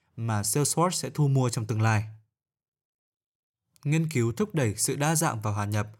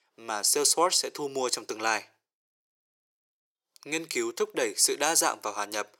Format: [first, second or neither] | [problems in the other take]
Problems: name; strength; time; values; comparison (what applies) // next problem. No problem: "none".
first | thin; very; fading below 400 Hz